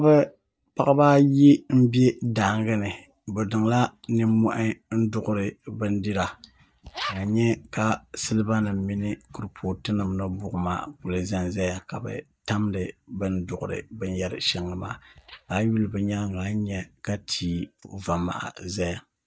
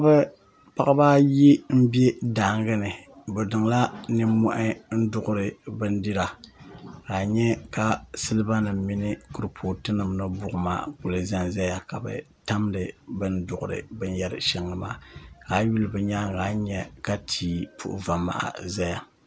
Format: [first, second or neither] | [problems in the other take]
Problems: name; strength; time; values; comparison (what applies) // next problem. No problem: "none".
second | noise reduction (neural mask model DeepFilterNet 3)